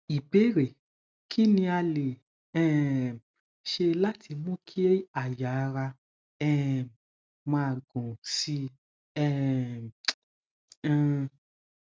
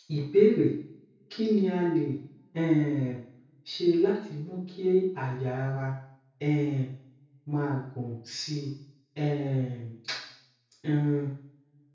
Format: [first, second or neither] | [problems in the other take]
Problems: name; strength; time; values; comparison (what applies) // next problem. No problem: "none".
first | room echo; dies away in 0.6 s